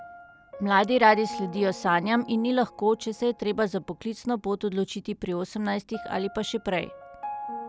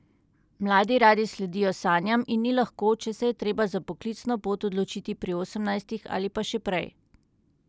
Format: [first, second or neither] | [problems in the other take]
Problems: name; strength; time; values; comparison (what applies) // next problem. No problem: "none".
second | background sound (Piano); 15 dB below the speech